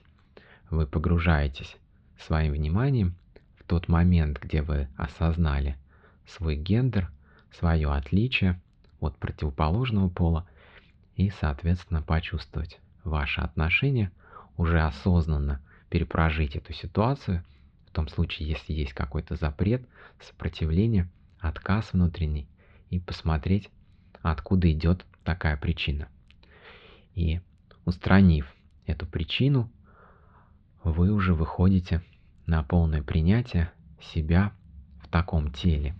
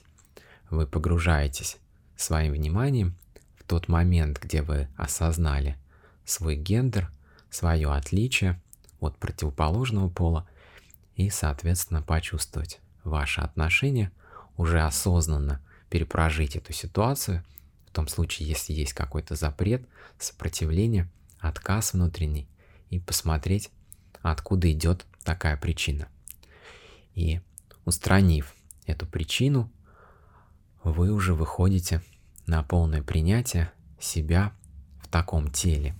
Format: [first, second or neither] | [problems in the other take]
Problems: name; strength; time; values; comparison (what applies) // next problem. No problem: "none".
second | muffled; slightly; fading above 4 kHz